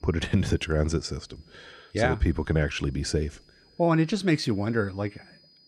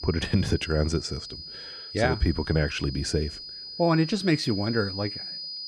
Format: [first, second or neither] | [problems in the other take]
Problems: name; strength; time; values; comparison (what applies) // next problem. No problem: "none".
first | high-pitched whine; loud; throughout; 5 kHz, 10 dB below the speech; faint in the first